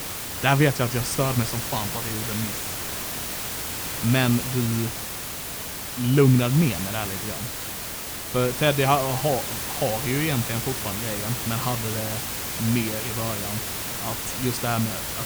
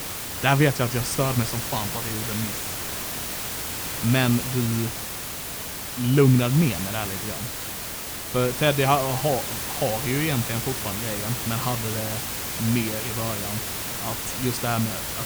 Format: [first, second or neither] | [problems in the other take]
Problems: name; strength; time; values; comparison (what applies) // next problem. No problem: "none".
neither | hiss; loud; throughout; 3 dB below the speech; the same in both